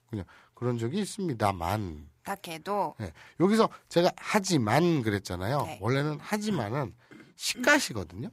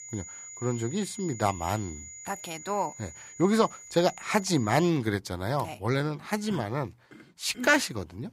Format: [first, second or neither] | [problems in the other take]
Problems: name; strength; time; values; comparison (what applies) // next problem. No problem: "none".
first | high-pitched whine; noticeable; until 5 s; 7 kHz, 15 dB below the speech